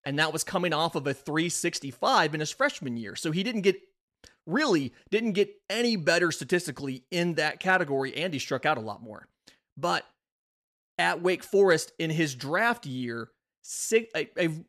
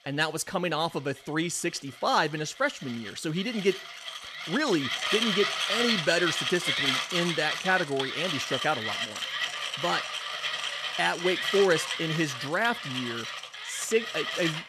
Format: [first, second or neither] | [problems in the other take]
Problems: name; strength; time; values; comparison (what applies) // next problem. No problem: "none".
first | machinery noise; loud; throughout; 1 dB below the speech